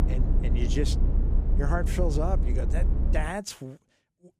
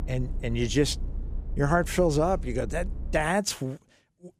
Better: second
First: low rumble; loud; until 3 s; 7 dB below the speech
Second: low rumble; faint; until 3 s; 25 dB below the speech

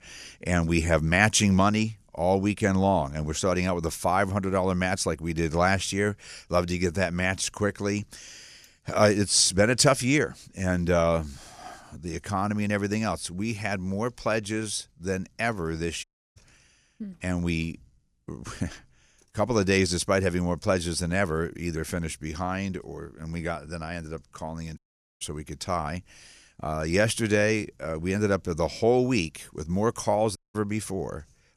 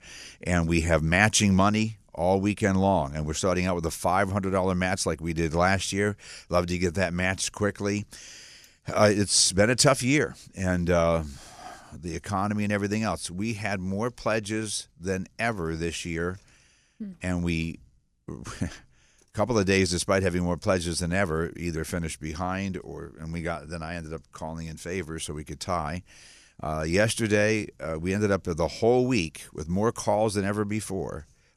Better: second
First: audio cutting out; at 16 s, at 25 s and at 30 s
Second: none

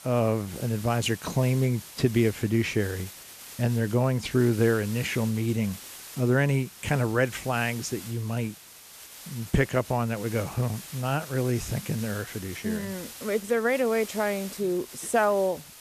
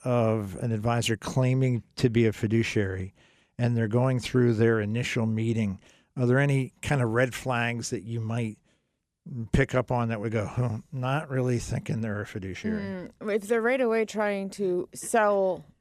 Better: second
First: hiss; noticeable; throughout; 15 dB below the speech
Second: none

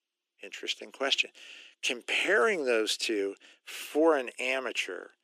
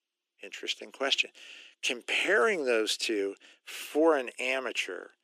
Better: neither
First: thin; very; fading below 300 Hz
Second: thin; very; fading below 300 Hz

